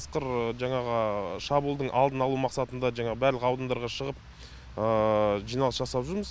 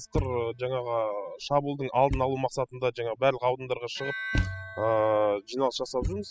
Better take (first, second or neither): first